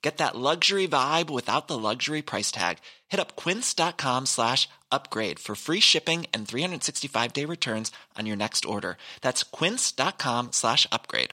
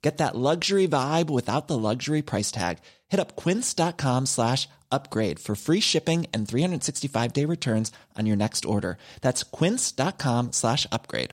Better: second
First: thin; somewhat; fading below 350 Hz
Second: none

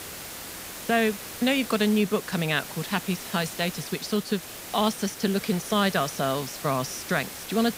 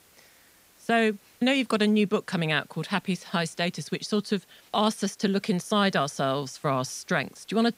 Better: second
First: hiss; loud; throughout; 10 dB below the speech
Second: hiss; faint; throughout; 30 dB below the speech

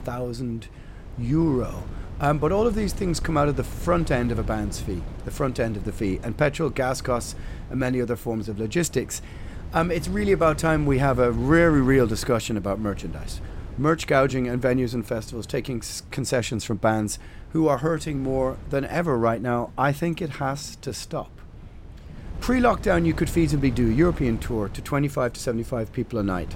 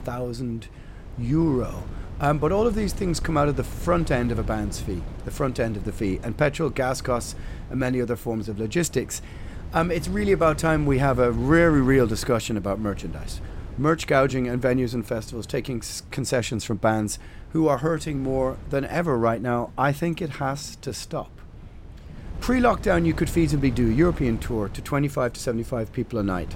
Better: neither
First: wind noise on the microphone; occasional gusts; 20 dB below the speech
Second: wind noise on the microphone; occasional gusts; 20 dB below the speech

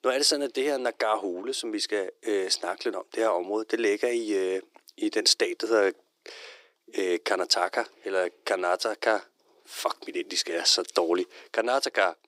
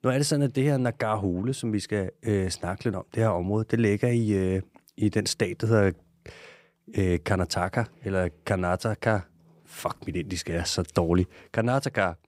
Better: second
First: thin; very; fading below 350 Hz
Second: none

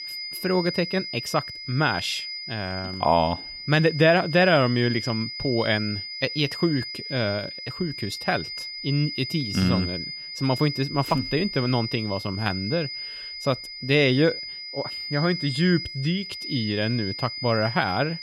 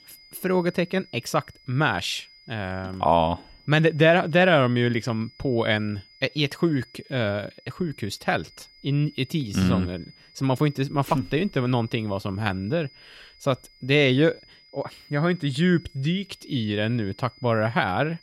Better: second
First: high-pitched whine; loud; throughout; 5 kHz, 7 dB below the speech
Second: high-pitched whine; faint; throughout; 5 kHz, 25 dB below the speech

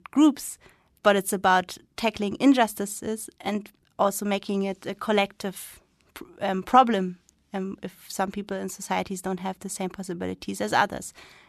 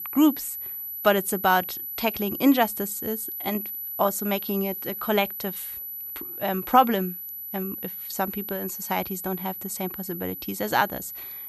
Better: first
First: none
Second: high-pitched whine; loud; throughout; 12 kHz, 6 dB below the speech

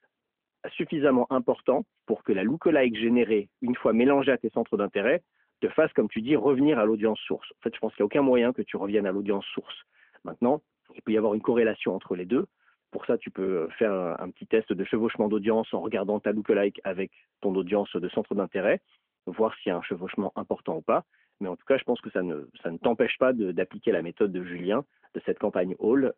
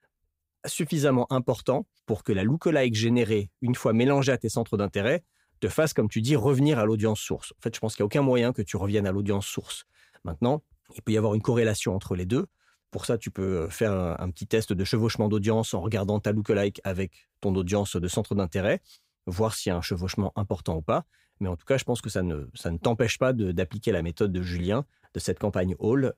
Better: second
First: phone-call audio; nothing above 3.5 kHz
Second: none

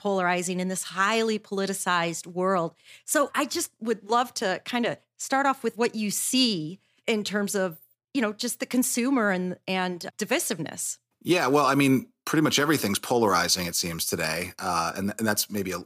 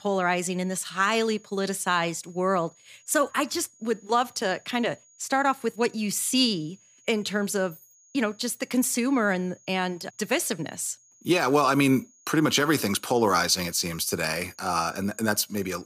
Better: first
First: none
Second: high-pitched whine; faint; throughout; 6.5 kHz, 30 dB below the speech

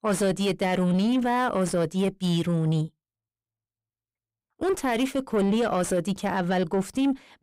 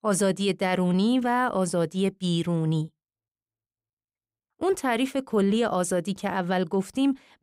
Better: second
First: distortion; slight; 10 dB below the speech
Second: none

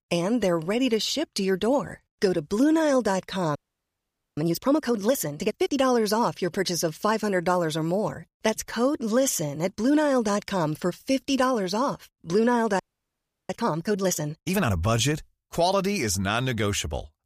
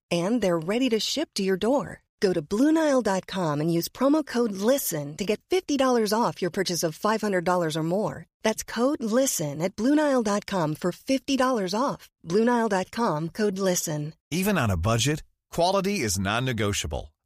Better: second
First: audio freezing; at 3.5 s for 1 s and at 13 s for 0.5 s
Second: none

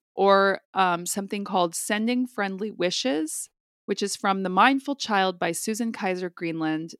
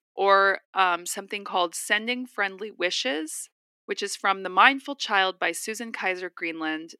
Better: first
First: none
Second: thin; somewhat; fading below 300 Hz

